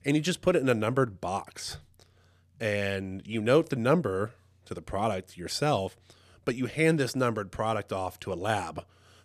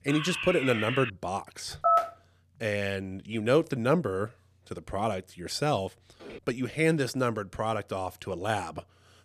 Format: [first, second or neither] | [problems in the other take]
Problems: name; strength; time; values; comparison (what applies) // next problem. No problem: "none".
first | alarm; noticeable; until 1 s; peak 2 dB below the speech // phone ringing; loud; at 2 s; peak 5 dB above the speech // footsteps; faint; at 6 s; peak 15 dB below the speech